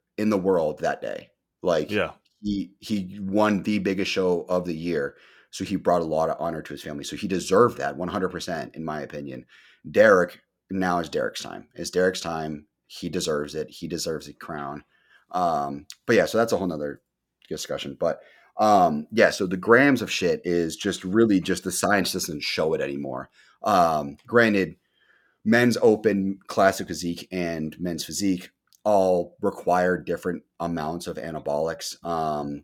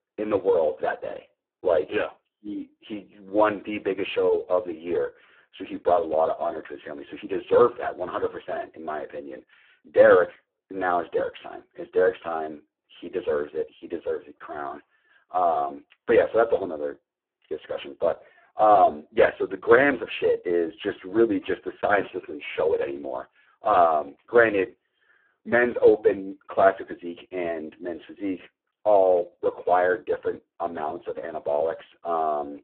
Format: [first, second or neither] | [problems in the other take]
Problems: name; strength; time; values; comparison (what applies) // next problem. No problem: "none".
first | phone-call audio; poor line